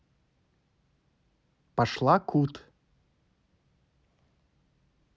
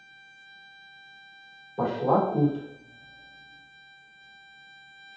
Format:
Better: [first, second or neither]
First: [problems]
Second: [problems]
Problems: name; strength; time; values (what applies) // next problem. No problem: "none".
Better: first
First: none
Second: background sound (Bowed string instrument); 19 dB below the speech // room echo; dies away in 0.7 s